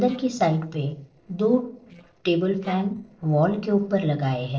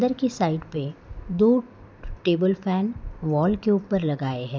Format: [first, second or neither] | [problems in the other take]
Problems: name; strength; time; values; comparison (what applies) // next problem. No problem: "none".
second | noise reduction (neural separator model SepFormer DNS4)